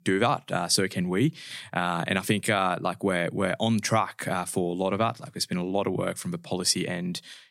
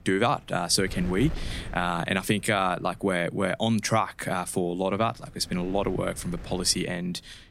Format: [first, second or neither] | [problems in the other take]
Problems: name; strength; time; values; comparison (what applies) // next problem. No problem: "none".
first | wind noise on the microphone; occasional gusts; 20 dB below the speech